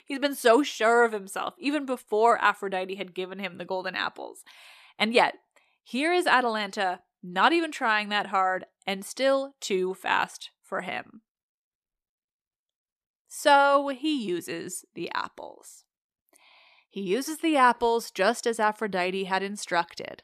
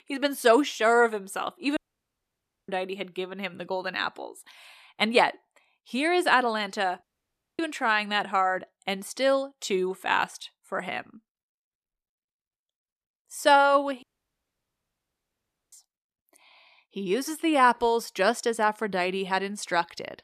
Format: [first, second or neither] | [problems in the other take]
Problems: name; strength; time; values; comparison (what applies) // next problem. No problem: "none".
first | audio cutting out; at 2 s for 1 s, at 7 s for 0.5 s and at 14 s for 1.5 s